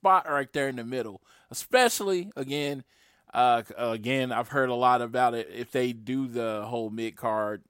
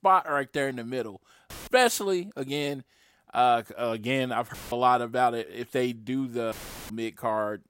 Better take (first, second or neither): first